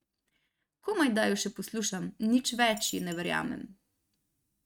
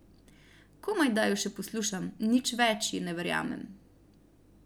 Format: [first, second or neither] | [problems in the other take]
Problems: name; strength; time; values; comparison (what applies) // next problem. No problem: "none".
second | noise reduction (neural mask model RNNoise)